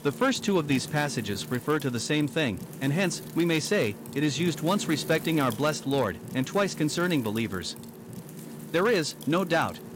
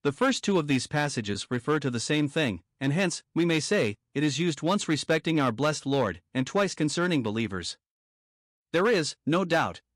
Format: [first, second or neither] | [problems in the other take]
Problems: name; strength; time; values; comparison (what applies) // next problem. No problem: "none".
second | wind noise on the microphone; occasional gusts; 15 dB below the speech